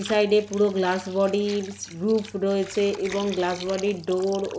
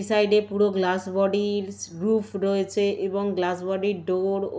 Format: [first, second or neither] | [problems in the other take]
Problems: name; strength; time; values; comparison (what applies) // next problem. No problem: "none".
second | background sound (Water); 17 dB below the speech